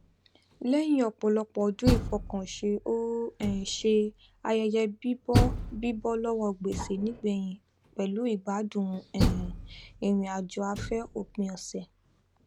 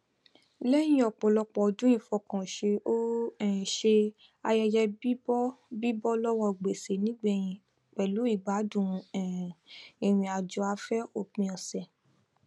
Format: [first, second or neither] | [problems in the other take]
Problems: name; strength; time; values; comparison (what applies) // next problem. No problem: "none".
second | background sound (Door); 5 dB below the speech